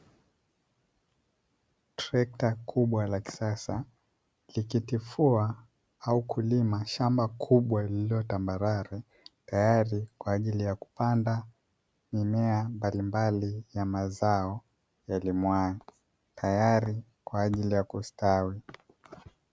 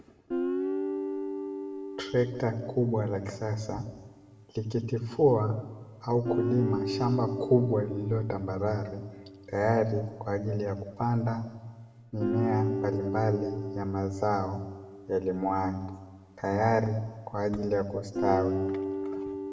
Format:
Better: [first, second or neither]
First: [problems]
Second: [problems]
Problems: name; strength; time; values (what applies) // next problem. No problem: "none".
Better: first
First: none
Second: background sound (Guitar); 6 dB below the speech // room echo; dies away in 1.4 s